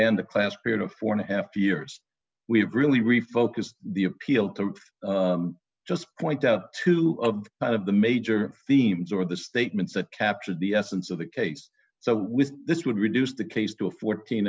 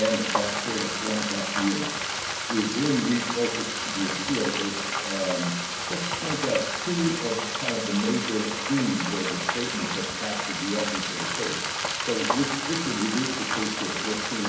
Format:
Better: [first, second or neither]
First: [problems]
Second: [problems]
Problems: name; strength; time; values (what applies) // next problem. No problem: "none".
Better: first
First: none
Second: background sound (Frying (food)); 1 dB below the speech // room echo; dies away in 1 s